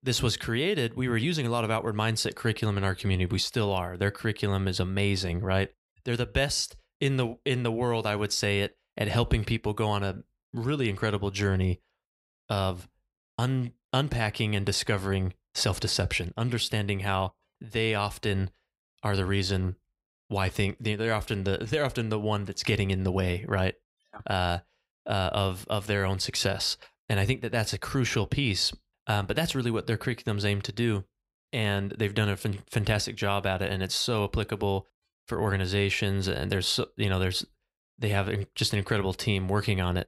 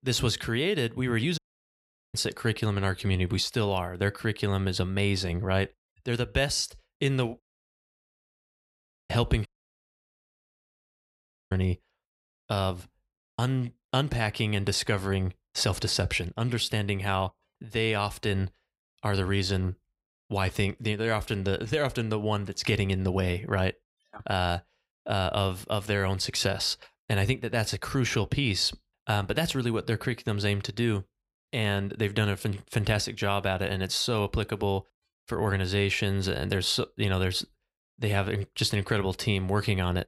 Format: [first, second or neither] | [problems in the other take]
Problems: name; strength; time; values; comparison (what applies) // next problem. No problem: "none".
first | audio cutting out; at 1.5 s for 1 s, at 7.5 s for 1.5 s and at 9.5 s for 2 s